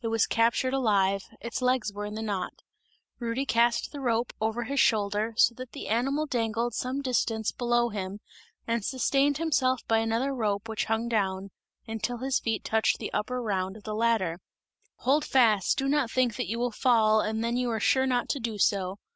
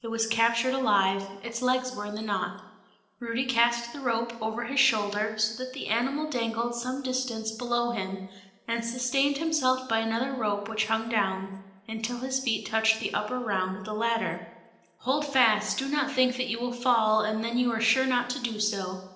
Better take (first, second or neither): first